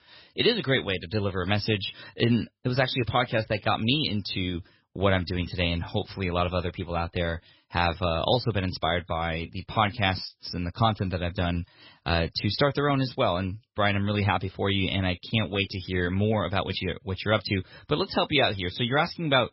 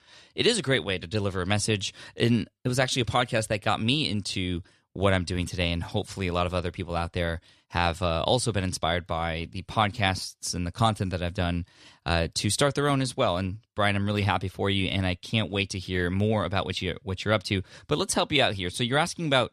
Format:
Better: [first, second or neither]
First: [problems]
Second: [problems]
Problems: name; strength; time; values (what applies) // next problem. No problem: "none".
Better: second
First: garbled, watery; badly; nothing above 5.5 kHz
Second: none